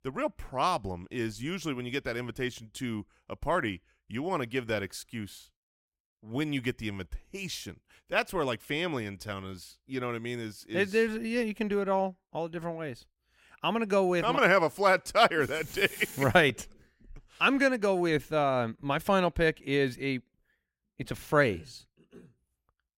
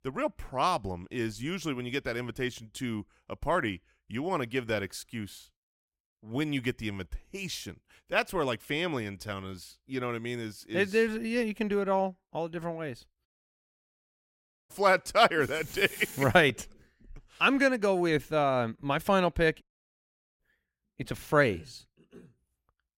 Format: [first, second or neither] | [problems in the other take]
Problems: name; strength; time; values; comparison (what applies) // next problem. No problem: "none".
first | audio cutting out; at 13 s for 1.5 s and at 20 s for 1 s